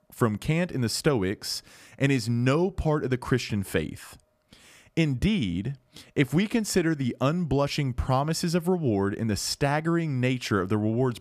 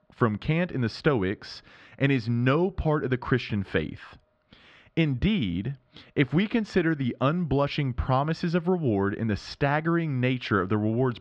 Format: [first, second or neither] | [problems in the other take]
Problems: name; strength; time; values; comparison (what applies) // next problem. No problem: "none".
first | muffled; slightly; fading above 4 kHz